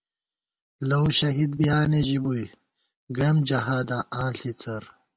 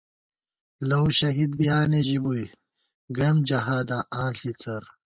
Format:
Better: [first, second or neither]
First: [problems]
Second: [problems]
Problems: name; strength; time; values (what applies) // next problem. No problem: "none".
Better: first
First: none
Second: noise reduction (neural mask model Resemble Enhance denoiser)